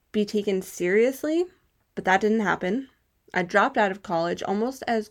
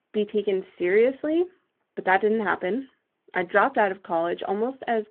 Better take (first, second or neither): first